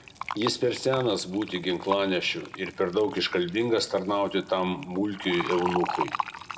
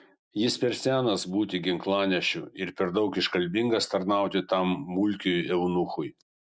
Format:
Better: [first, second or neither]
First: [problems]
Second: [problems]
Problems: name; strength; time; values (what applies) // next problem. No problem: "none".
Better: second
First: background sound (Fill (with liquid)); 9 dB below the speech // room echo; dies away in 1 s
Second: none